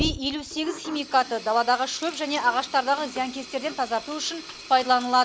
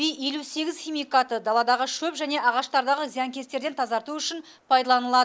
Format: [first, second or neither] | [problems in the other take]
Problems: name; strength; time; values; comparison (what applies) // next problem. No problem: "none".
second | background sound (Sink (filling or washing)); 13 dB below the speech